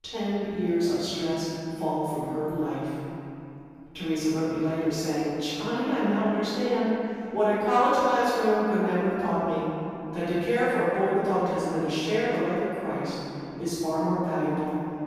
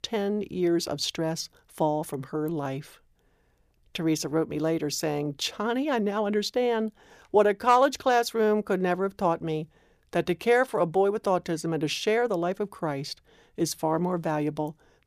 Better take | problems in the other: second | off-mic speech; far // room echo; strong; dies away in 2.7 s

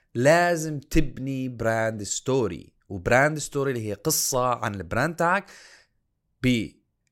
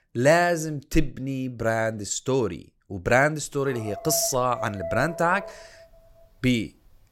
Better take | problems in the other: first | dog barking; noticeable; from 3.5 to 5.5 s; peak 7 dB below the speech

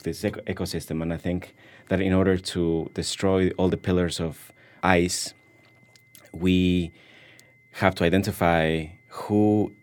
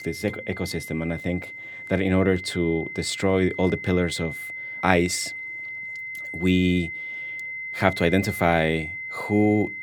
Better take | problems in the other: first | high-pitched whine; loud; throughout; 2 kHz, 8 dB below the speech; faint in the first

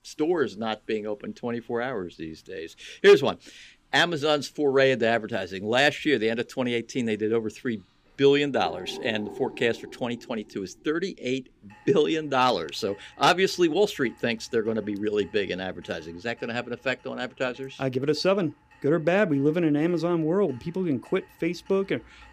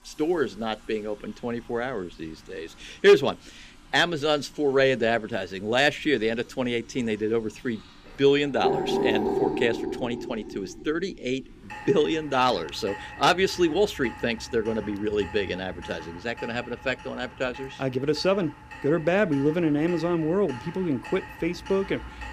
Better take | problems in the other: first | household noises; loud; throughout; 9 dB below the speech; faint in the first

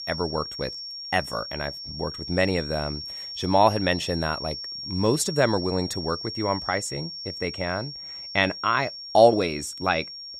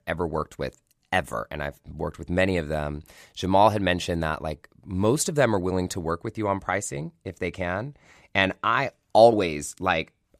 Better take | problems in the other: second | high-pitched whine; loud; throughout; 5.5 kHz, 8 dB below the speech

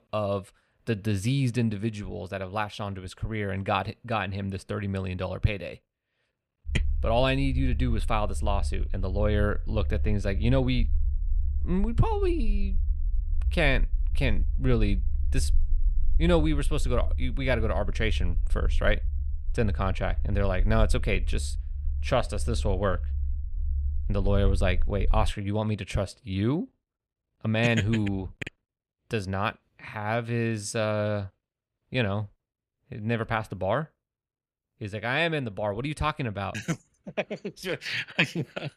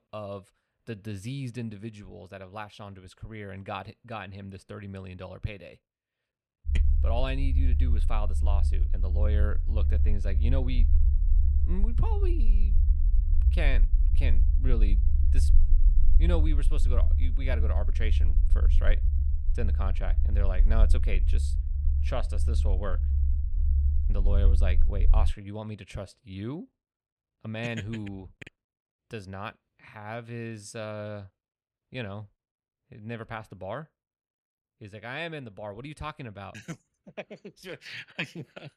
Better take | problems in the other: first | low rumble; loud; from 6.5 to 25 s; 8 dB below the speech; faint in the first

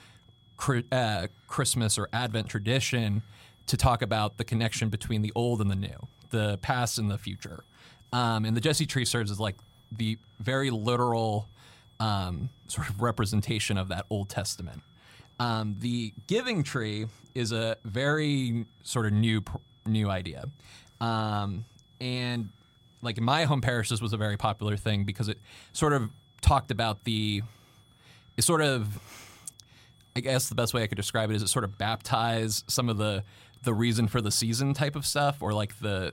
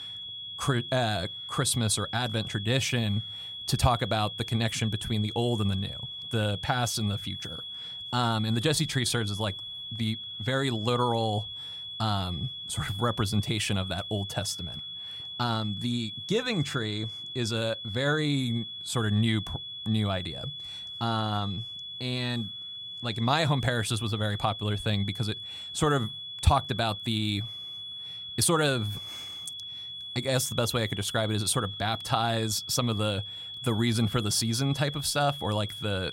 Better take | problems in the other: first | high-pitched whine; loud; throughout; 3.5 kHz, 8 dB below the speech; faint in the first

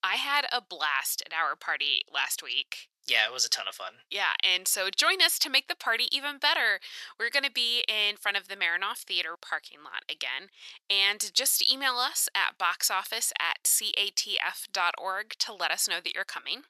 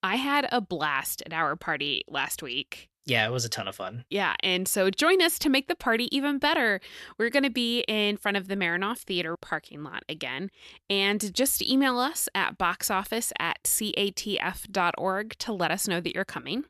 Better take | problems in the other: second | thin; very; fading below 900 Hz

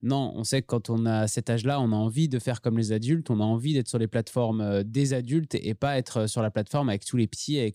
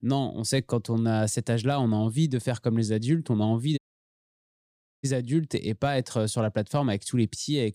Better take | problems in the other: first | audio cutting out; at 4 s for 1.5 s

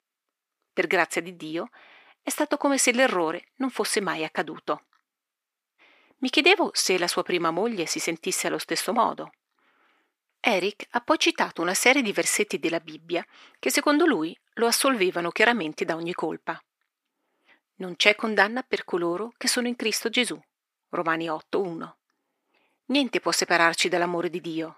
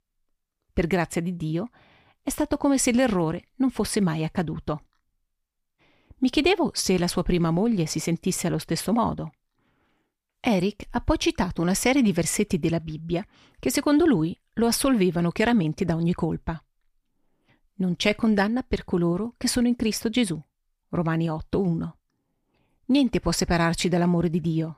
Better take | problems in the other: second | thin; somewhat; fading below 350 Hz

